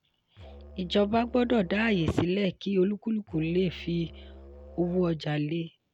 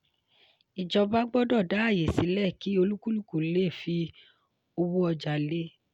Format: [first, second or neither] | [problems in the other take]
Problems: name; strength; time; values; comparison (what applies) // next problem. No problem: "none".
second | background sound (Musical instrument); 19 dB below the speech